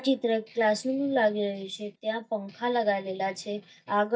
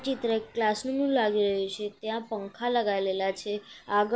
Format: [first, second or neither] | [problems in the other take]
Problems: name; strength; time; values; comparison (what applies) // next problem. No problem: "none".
second | noise reduction (neural mask model DeepFilterNet 3)